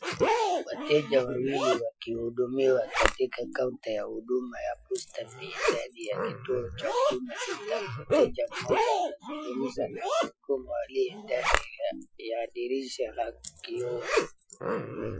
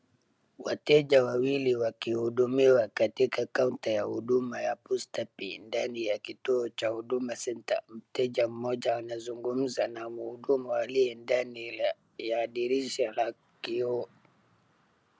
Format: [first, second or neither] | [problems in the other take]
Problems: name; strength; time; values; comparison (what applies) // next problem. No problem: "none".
second | noise reduction (classical method Wiener filter)